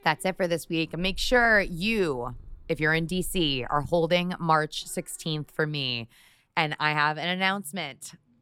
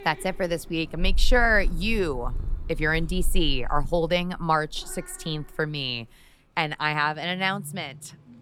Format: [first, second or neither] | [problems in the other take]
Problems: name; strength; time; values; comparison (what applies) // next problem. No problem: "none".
first | animal sounds; loud; throughout; 9 dB below the speech; faint in the first